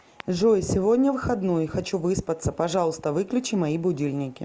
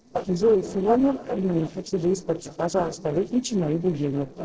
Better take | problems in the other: first | noise reduction (neural separator model SepFormer DNS4)

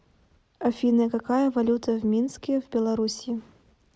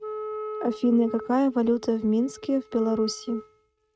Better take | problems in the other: first | noise reduction (neural mask model RNNoise)

